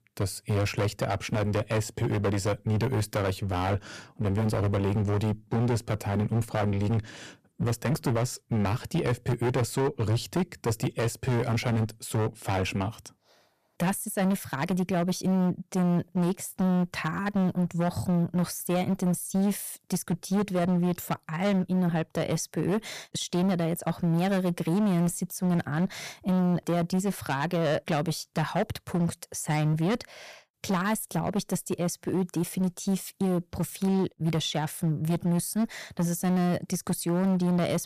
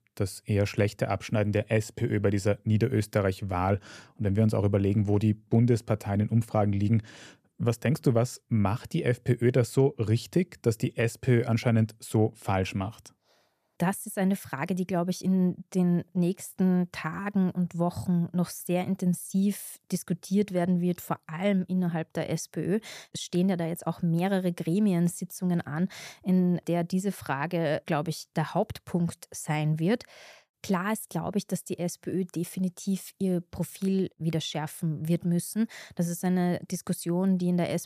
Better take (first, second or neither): second